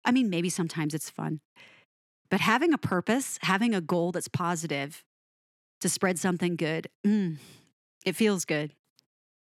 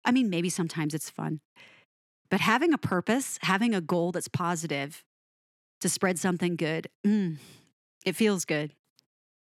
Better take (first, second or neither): neither